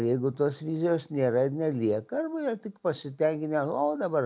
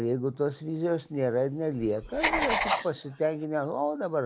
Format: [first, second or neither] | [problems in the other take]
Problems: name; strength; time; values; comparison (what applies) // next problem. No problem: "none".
first | background sound (Writing); 5 dB below the speech